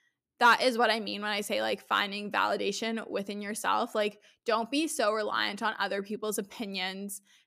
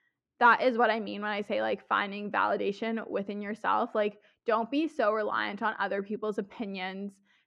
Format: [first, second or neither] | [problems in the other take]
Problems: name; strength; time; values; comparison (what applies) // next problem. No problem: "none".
first | muffled; slightly; fading above 2 kHz